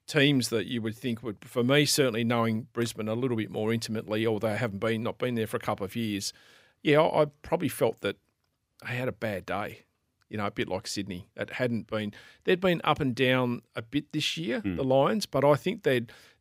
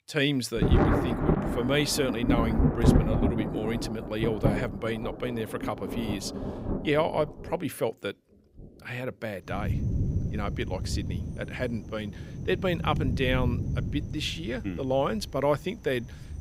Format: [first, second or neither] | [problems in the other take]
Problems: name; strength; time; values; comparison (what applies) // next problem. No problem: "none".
first | rain or running water; very loud; throughout; 1 dB above the speech